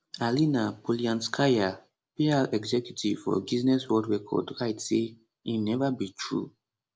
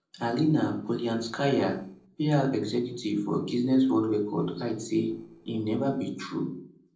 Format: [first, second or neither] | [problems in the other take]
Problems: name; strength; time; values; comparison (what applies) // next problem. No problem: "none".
first | noise reduction (neural separator model SepFormer DNS4)